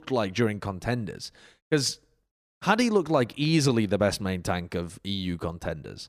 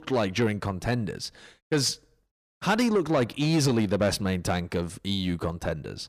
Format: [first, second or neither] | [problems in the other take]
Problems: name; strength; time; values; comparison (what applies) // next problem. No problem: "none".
first | distortion; slight; 10 dB below the speech